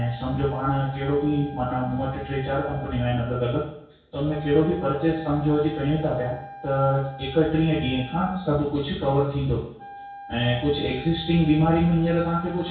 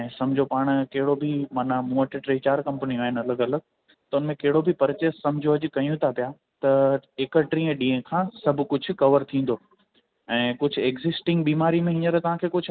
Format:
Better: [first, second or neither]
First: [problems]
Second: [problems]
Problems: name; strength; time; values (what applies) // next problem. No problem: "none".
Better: second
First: background sound (Wind instrument, woodwind instrument); 17 dB below the speech // room echo; dies away in 0.6 s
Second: none